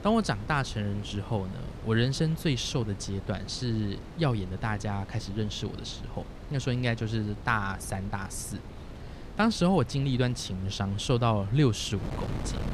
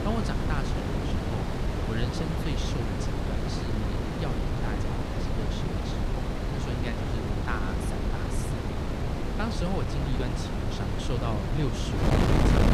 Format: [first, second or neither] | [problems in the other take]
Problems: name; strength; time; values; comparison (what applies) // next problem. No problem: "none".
first | wind noise on the microphone; heavy; 4 dB above the speech; occasional gusts in the first